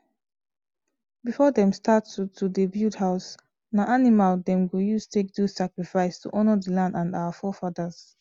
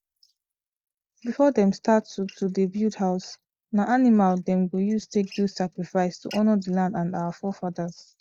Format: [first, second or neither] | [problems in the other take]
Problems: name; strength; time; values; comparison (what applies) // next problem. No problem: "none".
first | noise reduction (neural mask model Resemble Enhance denoiser)